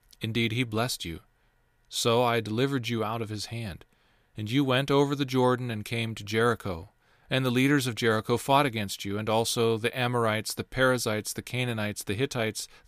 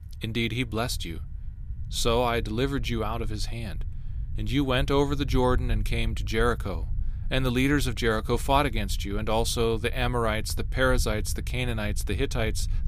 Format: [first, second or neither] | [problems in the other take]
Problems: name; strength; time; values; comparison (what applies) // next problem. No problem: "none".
first | low rumble; faint; throughout; 25 dB below the speech